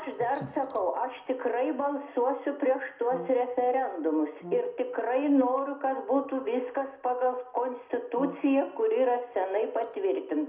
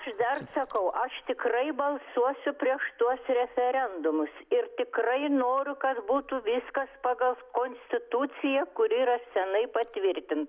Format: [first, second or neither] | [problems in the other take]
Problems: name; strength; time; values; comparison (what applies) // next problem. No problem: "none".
second | background sound (Brass instrument); 19 dB below the speech // room echo; dies away in 0.4 s